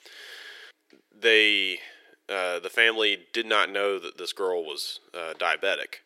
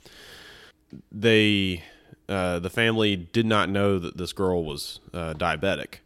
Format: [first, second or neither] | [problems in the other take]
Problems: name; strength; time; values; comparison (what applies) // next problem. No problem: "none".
second | thin; very; fading below 400 Hz